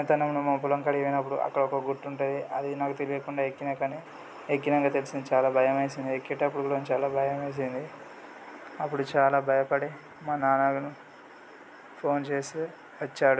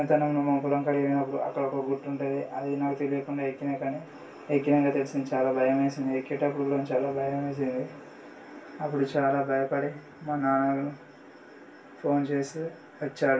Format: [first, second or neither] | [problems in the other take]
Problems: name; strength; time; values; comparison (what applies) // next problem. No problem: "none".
first | room echo; dies away in 0.2 s